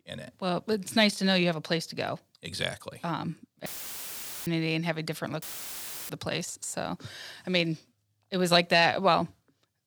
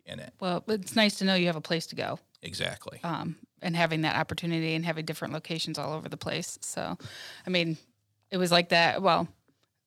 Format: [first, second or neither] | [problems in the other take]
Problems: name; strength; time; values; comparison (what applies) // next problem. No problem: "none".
second | audio cutting out; filled with static; at 3.5 s for 1 s and at 5.5 s for 0.5 s